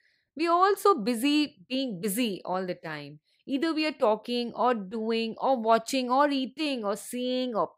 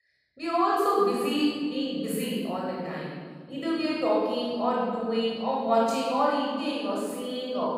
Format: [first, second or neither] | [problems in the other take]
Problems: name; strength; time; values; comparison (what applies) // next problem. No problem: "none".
first | off-mic speech; far // room echo; strong; dies away in 1.8 s